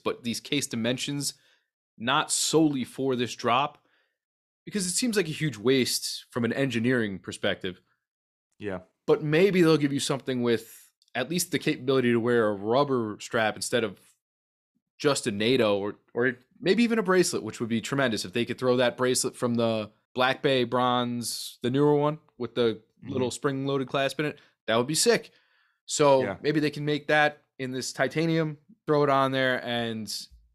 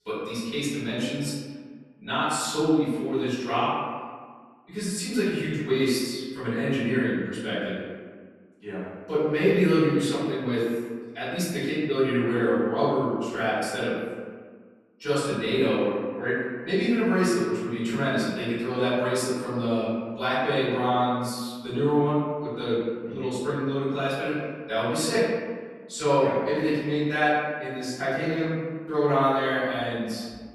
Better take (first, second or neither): first